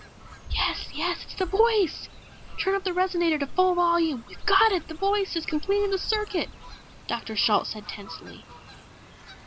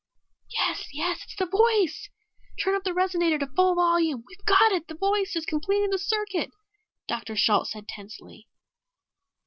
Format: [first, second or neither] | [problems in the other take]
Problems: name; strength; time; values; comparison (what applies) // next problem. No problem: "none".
second | background sound (Fowl); 15 dB below the speech